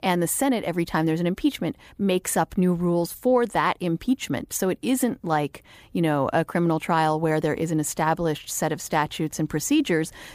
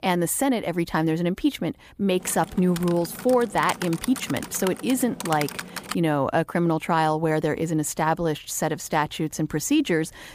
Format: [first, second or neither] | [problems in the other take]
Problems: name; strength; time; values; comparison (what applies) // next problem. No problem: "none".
first | keyboard typing; noticeable; from 2 to 6 s; peak 7 dB below the speech